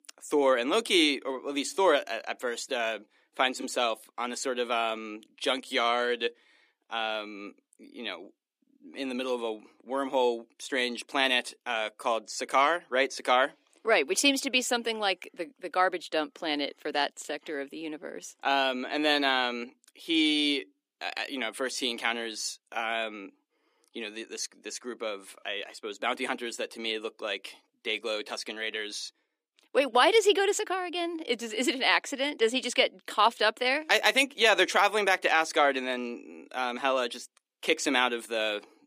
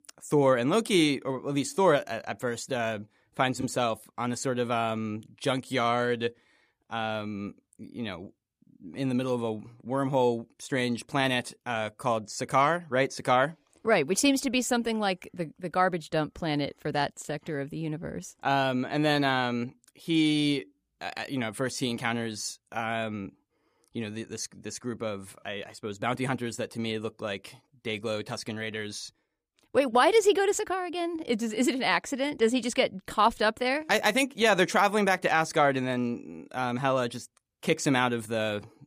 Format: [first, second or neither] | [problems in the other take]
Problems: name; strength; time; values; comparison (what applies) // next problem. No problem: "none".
second | thin; very slightly; fading below 300 Hz